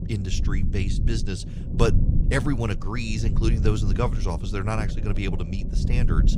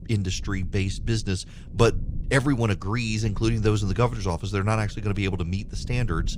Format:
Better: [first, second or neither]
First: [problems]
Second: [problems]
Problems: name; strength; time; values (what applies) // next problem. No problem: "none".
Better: second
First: low rumble; loud; throughout; 9 dB below the speech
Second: low rumble; faint; throughout; 25 dB below the speech